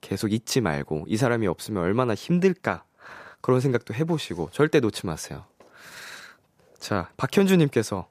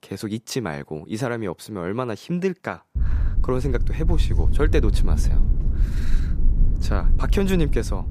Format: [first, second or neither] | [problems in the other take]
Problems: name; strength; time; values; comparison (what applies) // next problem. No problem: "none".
first | low rumble; noticeable; from 3 s on; 10 dB below the speech